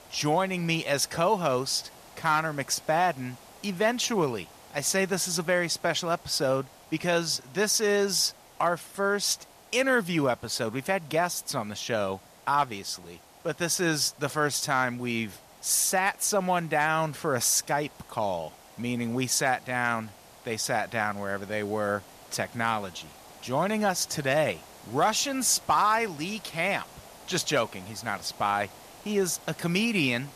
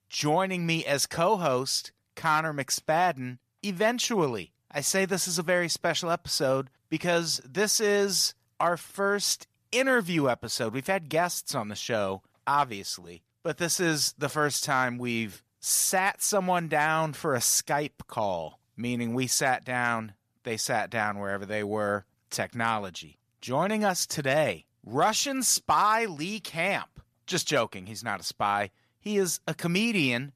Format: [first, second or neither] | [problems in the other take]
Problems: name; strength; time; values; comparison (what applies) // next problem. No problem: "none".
second | hiss; faint; throughout; 20 dB below the speech